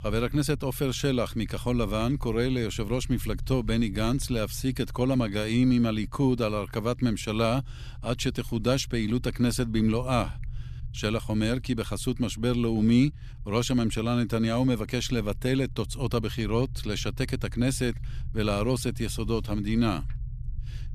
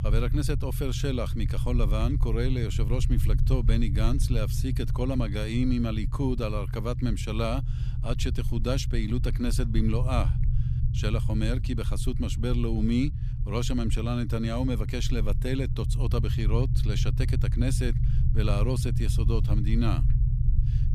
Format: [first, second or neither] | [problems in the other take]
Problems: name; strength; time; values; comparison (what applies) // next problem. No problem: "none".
first | low rumble; loud; throughout; 9 dB below the speech; faint in the first